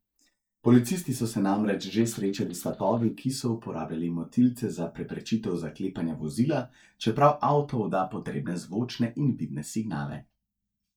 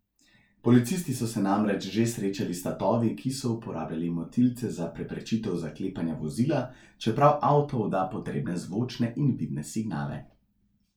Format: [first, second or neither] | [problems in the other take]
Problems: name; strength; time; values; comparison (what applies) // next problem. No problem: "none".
second | noise reduction (neural mask model DeepFilterNet 3)